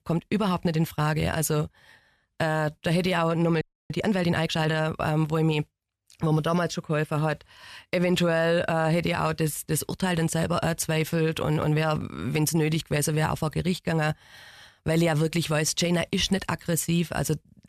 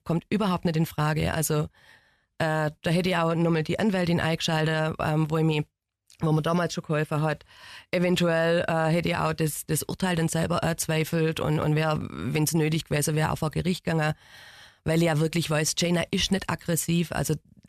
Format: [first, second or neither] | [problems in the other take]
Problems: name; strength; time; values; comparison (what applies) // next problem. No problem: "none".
second | audio freezing; at 3.5 s